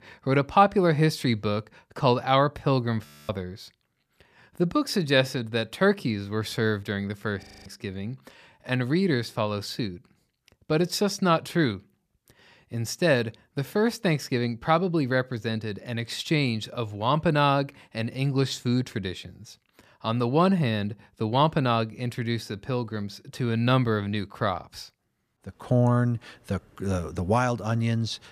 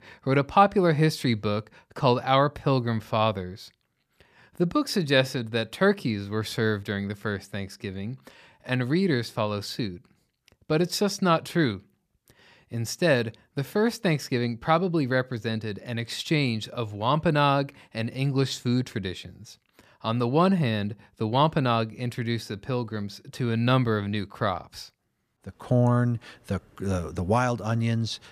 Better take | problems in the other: second | audio freezing; at 3 s and at 7.5 s

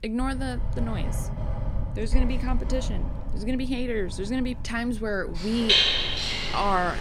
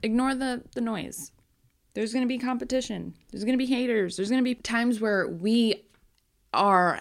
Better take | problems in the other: second | household noises; very loud; throughout; 3 dB above the speech

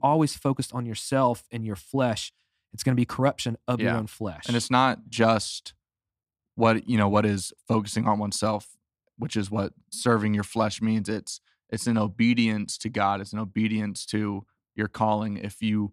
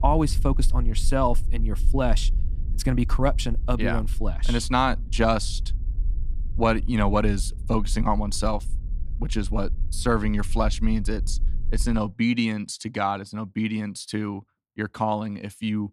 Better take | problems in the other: first | low rumble; faint; until 12 s; 25 dB below the speech

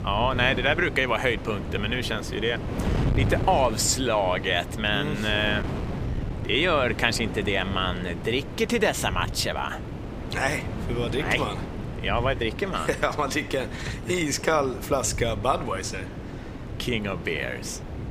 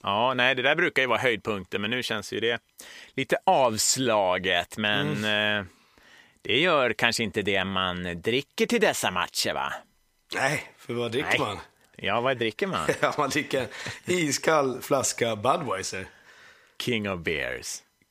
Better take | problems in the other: second | wind noise on the microphone; occasional gusts; 15 dB below the speech

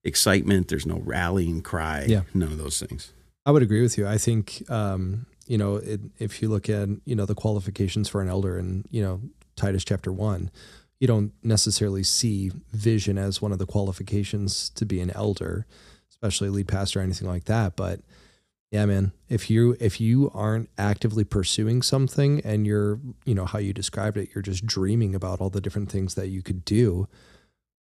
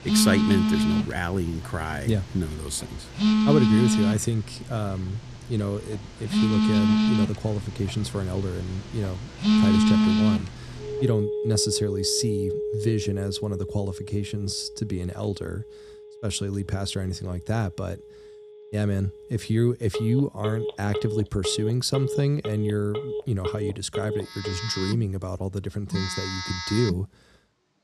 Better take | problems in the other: first | alarms or sirens; very loud; throughout; 2 dB above the speech

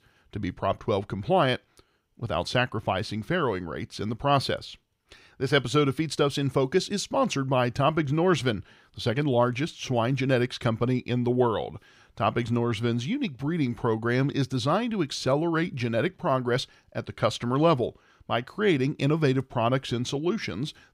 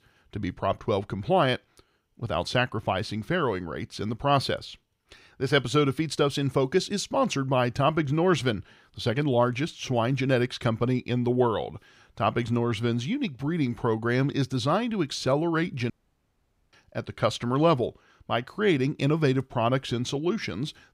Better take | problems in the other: first | audio cutting out; at 16 s for 1 s

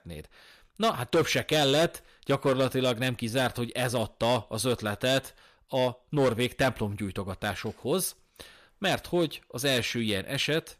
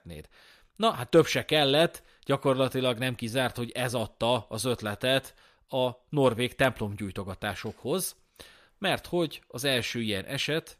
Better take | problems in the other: second | distortion; slight; 4% of the sound clipped

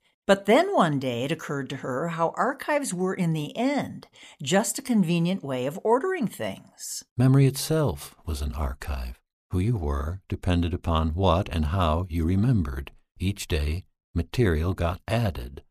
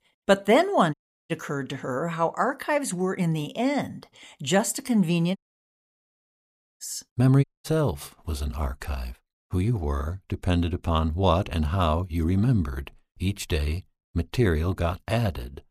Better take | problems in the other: first | audio cutting out; at 1 s, at 5.5 s for 1.5 s and at 7.5 s

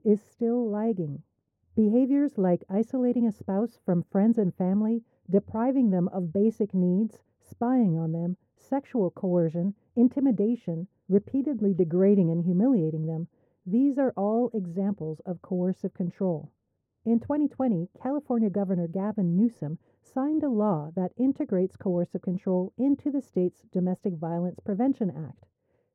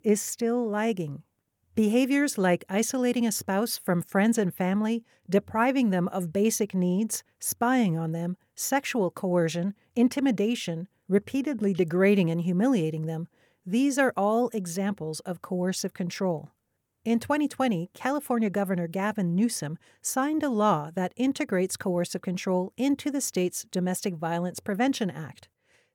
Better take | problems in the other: second | muffled; very; fading above 1.5 kHz

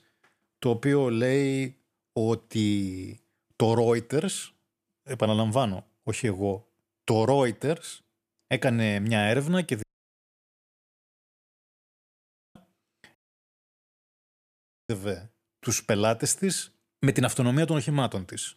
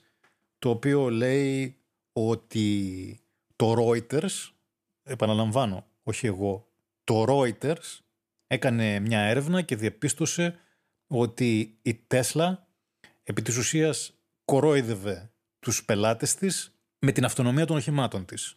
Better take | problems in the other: second | audio cutting out; at 10 s for 2.5 s and at 13 s for 1.5 s

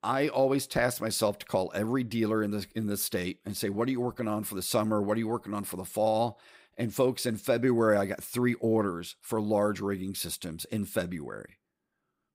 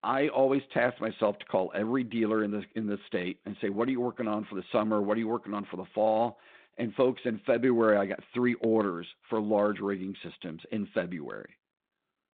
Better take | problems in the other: first | phone-call audio; nothing above 4 kHz

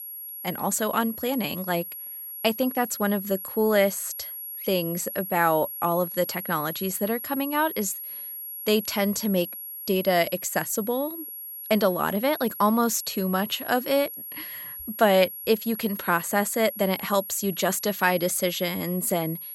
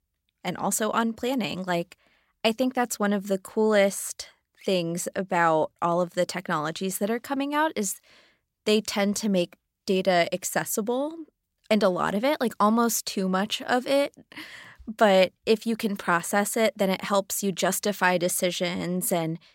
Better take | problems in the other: second | high-pitched whine; loud; throughout; 11.5 kHz, 9 dB below the speech

